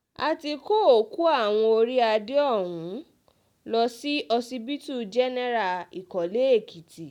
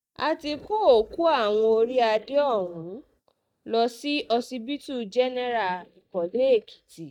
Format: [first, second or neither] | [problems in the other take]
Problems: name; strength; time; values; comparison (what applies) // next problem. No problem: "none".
first | noise reduction (neural mask model DeepFilterNet 3)